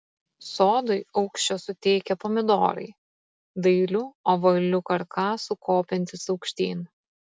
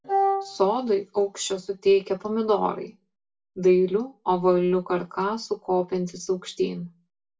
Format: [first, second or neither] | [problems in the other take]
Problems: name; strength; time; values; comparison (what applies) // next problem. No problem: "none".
first | background sound (Wind instrument, woodwind instrument); as loud as the speech // room echo; dies away in 0.2 s